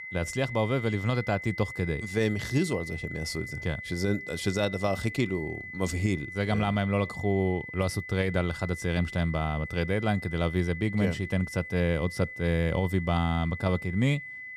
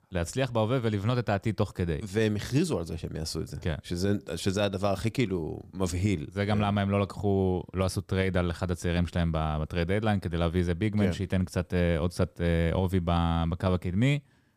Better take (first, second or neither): second